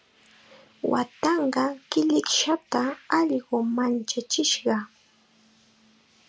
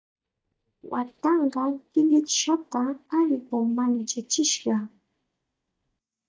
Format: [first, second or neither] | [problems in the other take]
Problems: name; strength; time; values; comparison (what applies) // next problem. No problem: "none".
first | noise reduction (neural mask model DeepFilterNet 3)